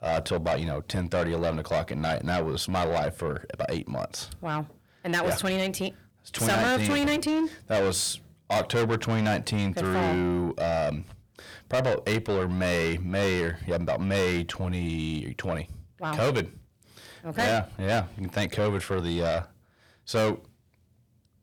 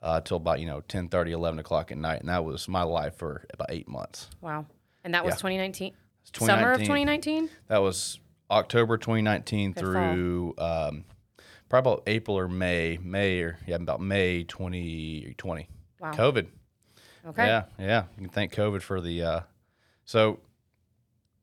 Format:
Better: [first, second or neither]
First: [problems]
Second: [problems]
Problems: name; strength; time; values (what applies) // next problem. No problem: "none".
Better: second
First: distortion; heavy; 6 dB below the speech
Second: none